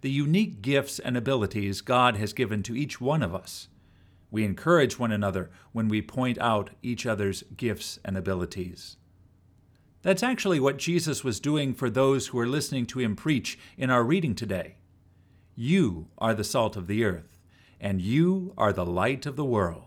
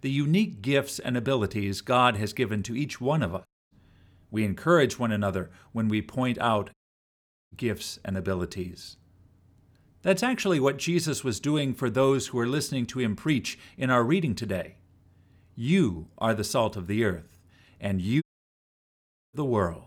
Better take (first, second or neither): first